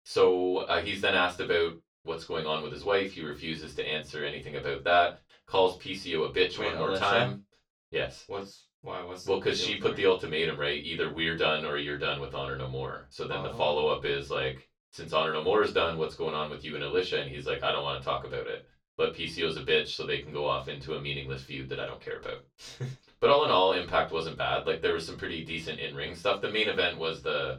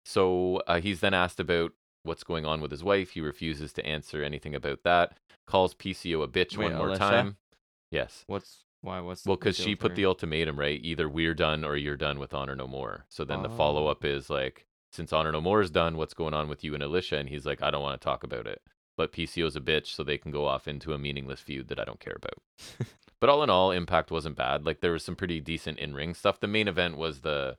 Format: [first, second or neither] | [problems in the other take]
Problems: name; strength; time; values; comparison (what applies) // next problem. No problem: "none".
second | room echo; slight; dies away in 0.2 s // off-mic speech; far